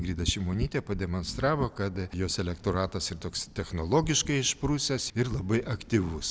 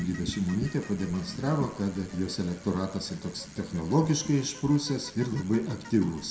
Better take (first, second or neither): first